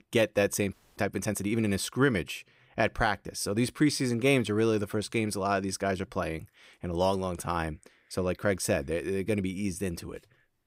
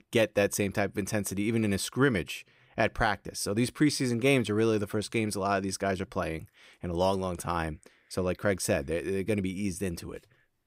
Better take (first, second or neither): second